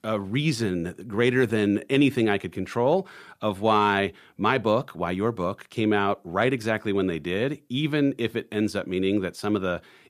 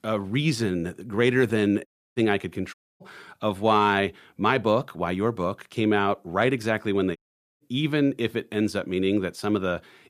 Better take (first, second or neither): first